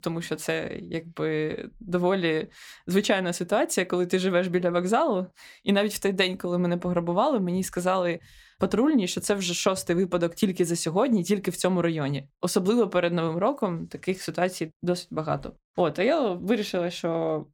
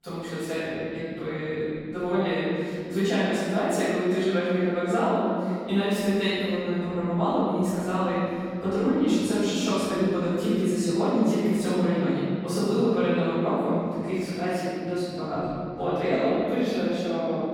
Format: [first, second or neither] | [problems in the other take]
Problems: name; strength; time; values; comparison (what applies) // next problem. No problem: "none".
first | off-mic speech; far // room echo; strong; dies away in 2.6 s